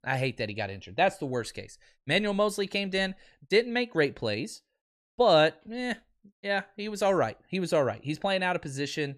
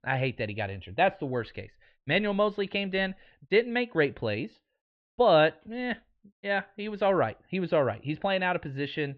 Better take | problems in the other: first | muffled; very slightly; fading above 3.5 kHz

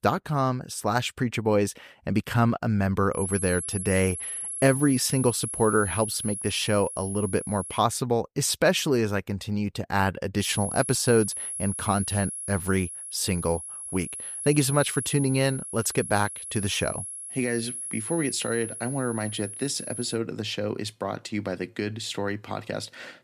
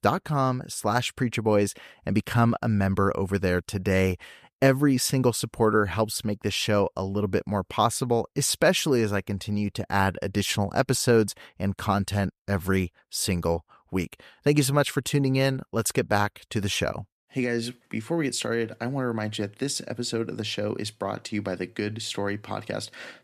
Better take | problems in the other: second | high-pitched whine; loud; from 3 to 8 s and from 10 to 20 s; 10.5 kHz, 6 dB below the speech

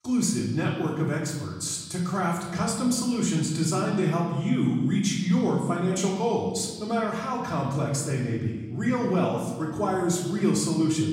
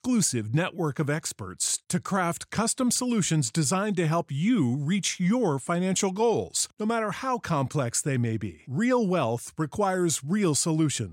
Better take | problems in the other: second | off-mic speech; far // room echo; noticeable; dies away in 1.3 s

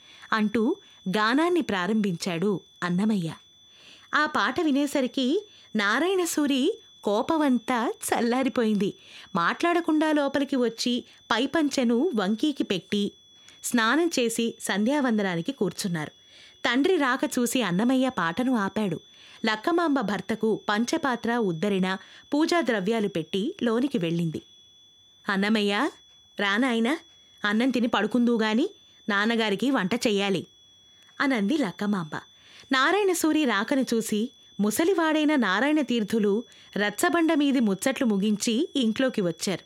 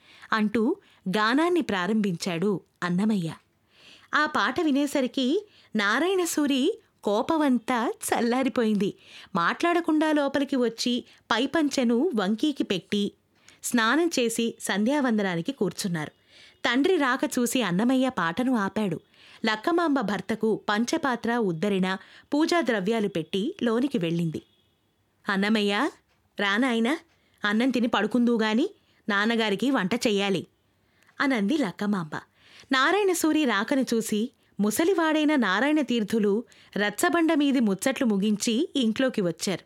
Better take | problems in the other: second | high-pitched whine; faint; throughout; 3.5 kHz, 25 dB below the speech

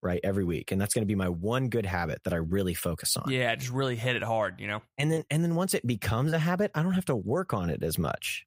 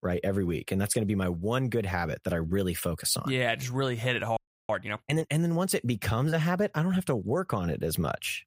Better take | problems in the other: first | audio freezing; at 4.5 s

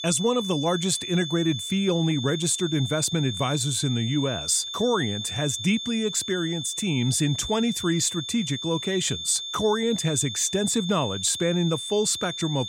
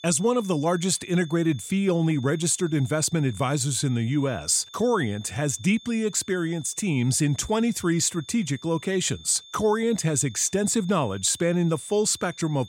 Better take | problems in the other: second | high-pitched whine; loud; throughout; 3.5 kHz, 6 dB below the speech; faint in the second

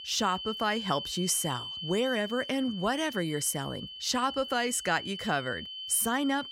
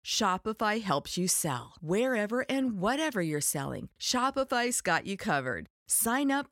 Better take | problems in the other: second | high-pitched whine; loud; throughout; 3 kHz, 8 dB below the speech

